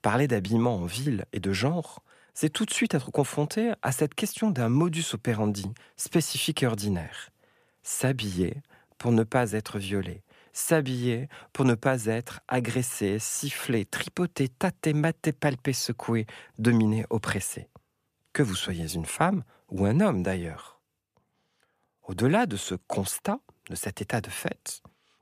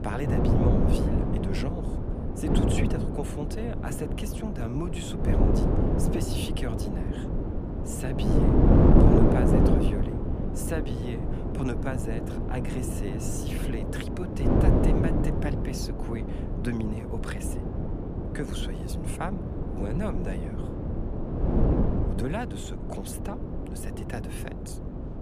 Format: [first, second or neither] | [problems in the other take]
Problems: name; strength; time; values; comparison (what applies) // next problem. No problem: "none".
first | wind noise on the microphone; heavy; 5 dB above the speech